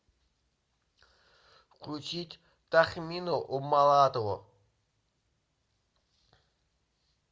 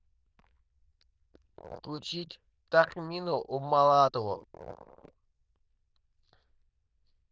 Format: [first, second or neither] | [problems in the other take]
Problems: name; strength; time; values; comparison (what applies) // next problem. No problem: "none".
first | noise reduction (neural diffusion model UNIVERSE++)